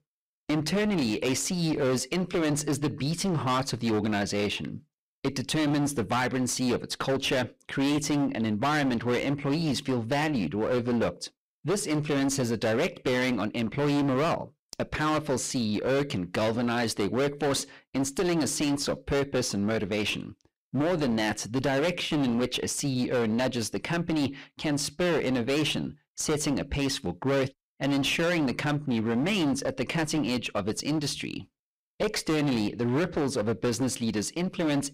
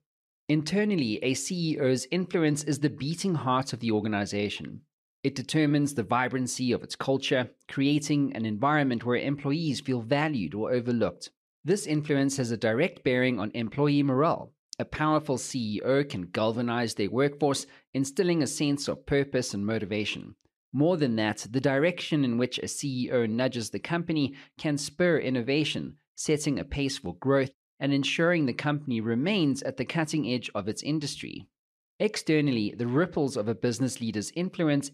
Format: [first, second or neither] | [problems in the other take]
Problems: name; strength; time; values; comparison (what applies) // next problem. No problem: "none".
second | distortion; heavy; 22% of the sound clipped